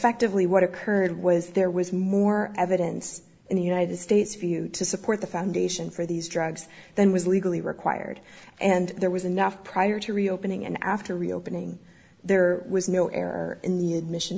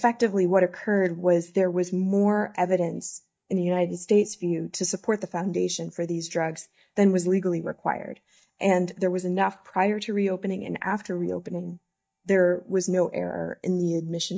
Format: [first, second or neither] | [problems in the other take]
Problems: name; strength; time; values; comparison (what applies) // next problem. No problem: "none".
first | noise reduction (neural mask model DeepFilterNet 3)